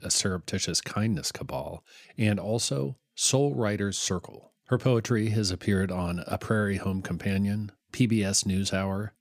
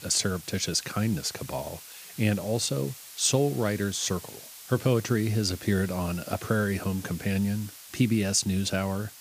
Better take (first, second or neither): first